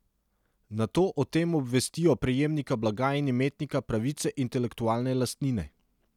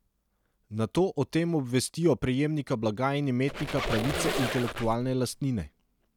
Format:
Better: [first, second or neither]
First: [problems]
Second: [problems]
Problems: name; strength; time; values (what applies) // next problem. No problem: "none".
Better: first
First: none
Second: background sound (Squeak); 5 dB below the speech